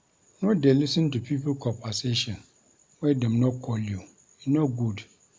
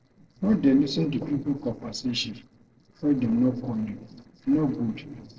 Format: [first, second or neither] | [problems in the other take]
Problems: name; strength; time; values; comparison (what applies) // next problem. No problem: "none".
first | noise reduction (neural separator model SepFormer DNS4)